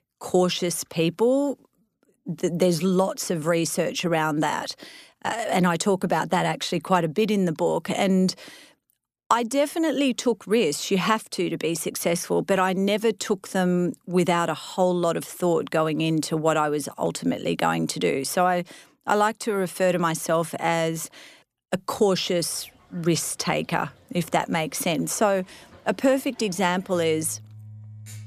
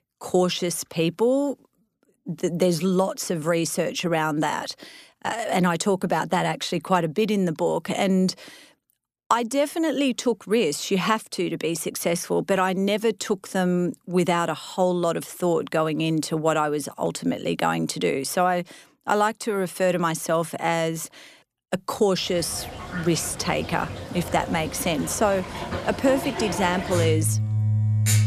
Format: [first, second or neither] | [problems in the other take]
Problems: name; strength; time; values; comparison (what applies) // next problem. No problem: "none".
first | household noises; loud; from 22 s on; 5 dB below the speech; faint in the first